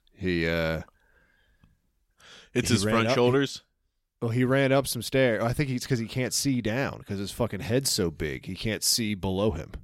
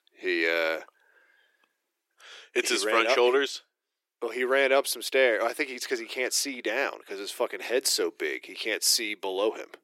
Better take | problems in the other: first | thin; very; fading below 350 Hz

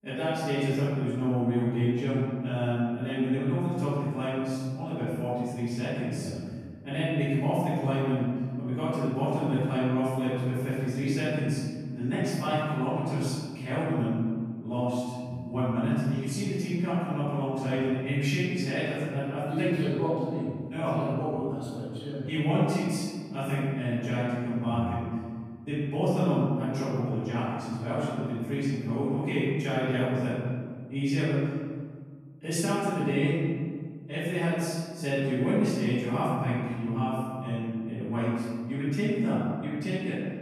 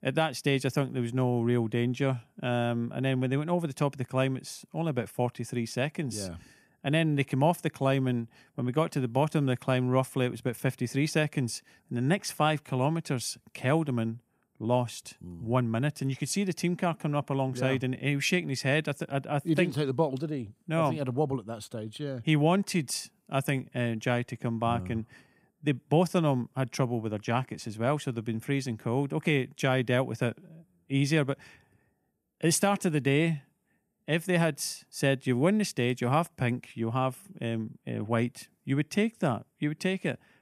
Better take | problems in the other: second | room echo; strong; dies away in 1.9 s // off-mic speech; far

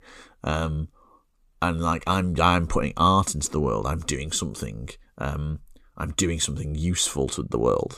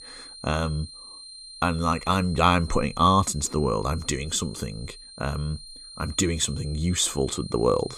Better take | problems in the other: first | high-pitched whine; noticeable; throughout; 4 kHz, 15 dB below the speech

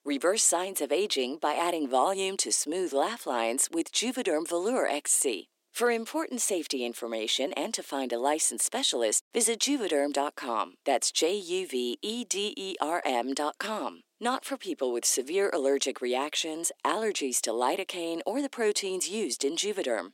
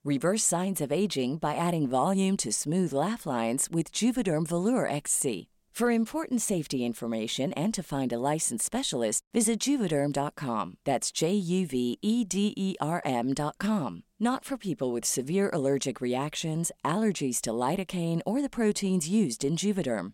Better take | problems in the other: second | thin; somewhat; fading below 300 Hz

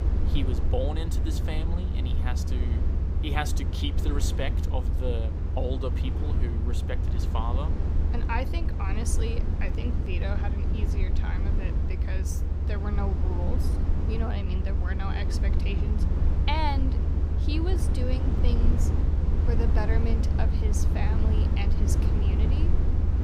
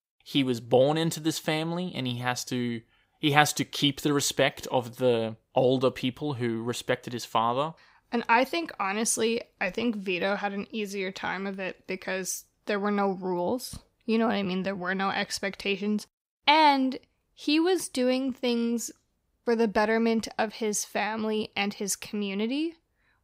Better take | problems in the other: second | low rumble; loud; throughout; 4 dB below the speech

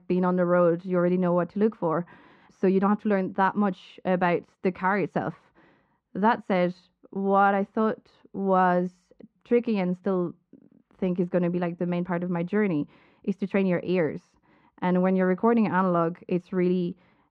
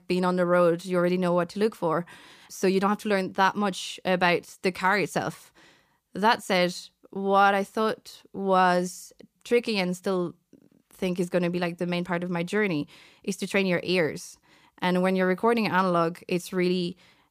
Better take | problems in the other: second | muffled; very; fading above 1.5 kHz

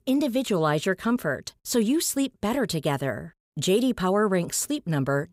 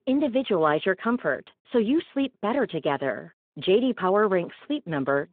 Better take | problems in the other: first | phone-call audio

